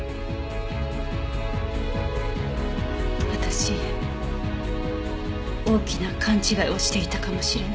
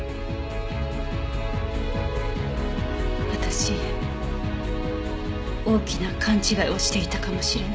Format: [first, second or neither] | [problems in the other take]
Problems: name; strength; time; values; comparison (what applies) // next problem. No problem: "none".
second | background sound (Wood); 12 dB below the speech